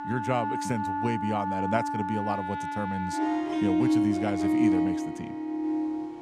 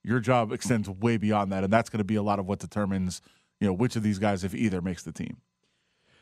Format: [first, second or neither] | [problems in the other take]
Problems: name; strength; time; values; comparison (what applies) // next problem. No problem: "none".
second | background music; very loud; throughout; 3 dB above the speech